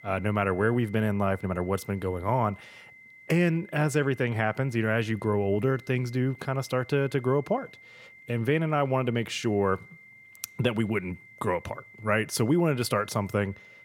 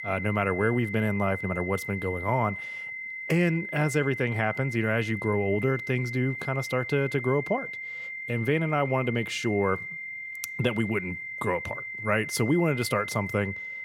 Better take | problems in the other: first | high-pitched whine; loud; throughout; 2 kHz, 7 dB below the speech; faint in the first

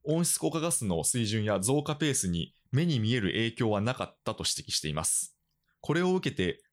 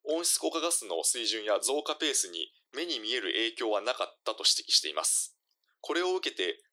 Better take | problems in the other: first | thin; very; fading below 350 Hz

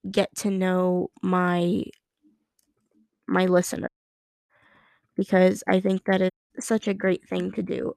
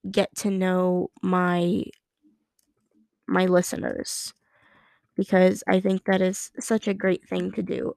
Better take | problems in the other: second | audio cutting out; at 4 s for 0.5 s and at 6.5 s

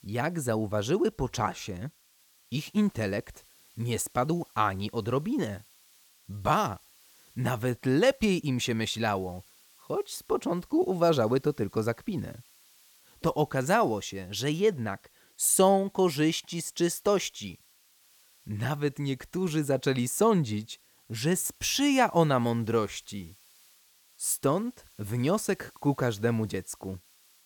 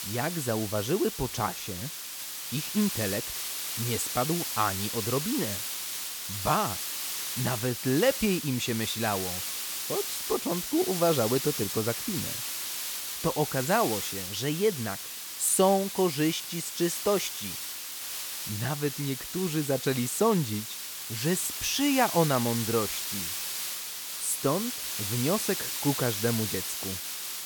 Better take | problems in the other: first | hiss; loud; throughout; 3 dB below the speech; faint in the first

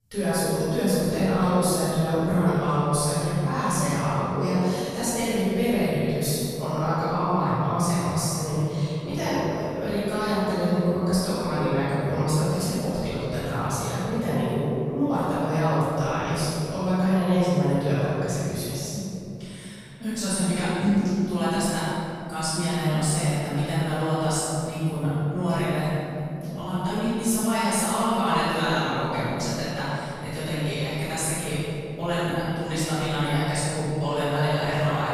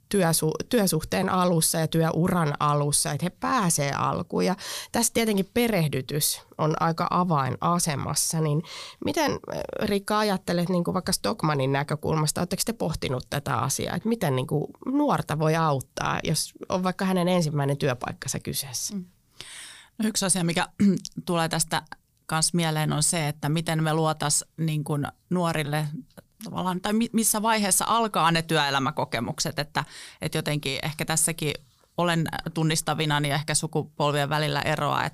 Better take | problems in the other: second | off-mic speech; far // room echo; strong; dies away in 3 s

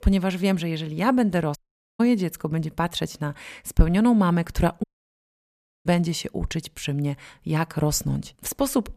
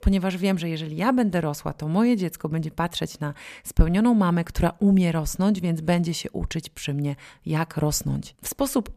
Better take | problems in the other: second | audio cutting out; at 1.5 s and at 5 s for 1 s

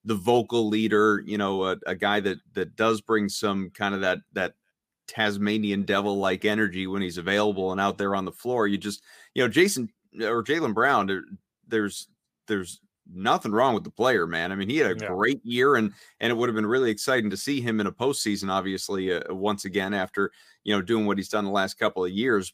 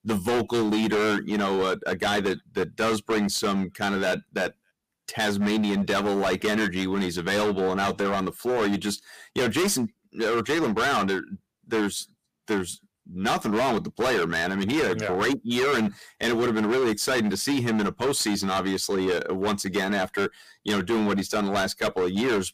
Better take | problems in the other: first | distortion; heavy; 20% of the sound clipped

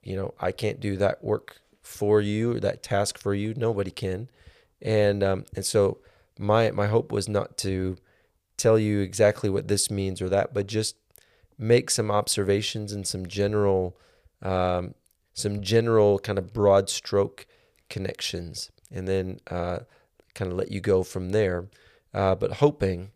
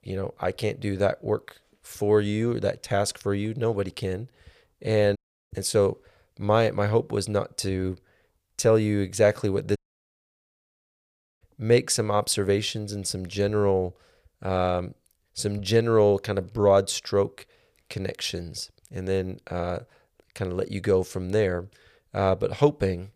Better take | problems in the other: first | audio cutting out; at 5 s and at 10 s for 1.5 s

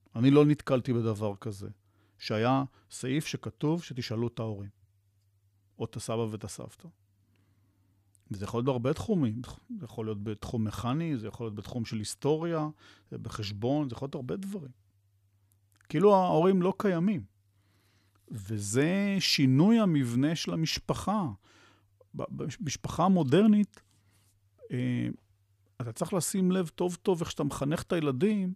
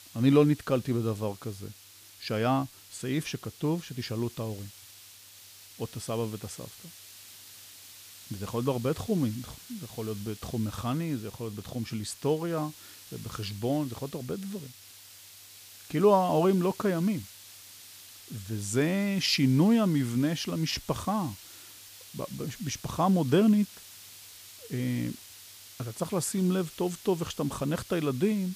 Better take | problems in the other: first | hiss; noticeable; throughout; 15 dB below the speech

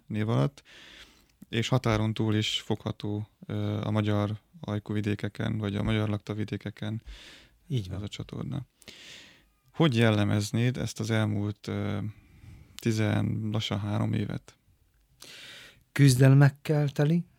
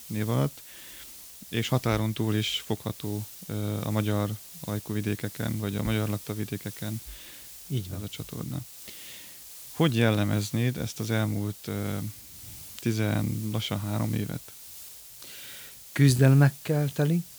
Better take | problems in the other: first | hiss; noticeable; throughout; 15 dB below the speech

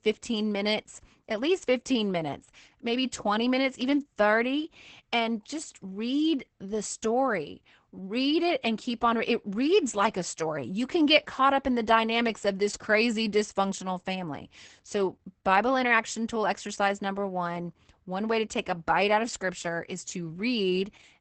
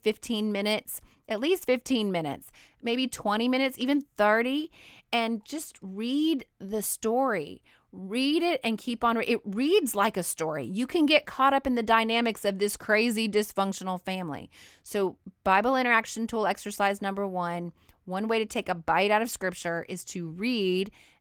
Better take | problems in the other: second | garbled, watery; badly; nothing above 8 kHz; slightly in the second

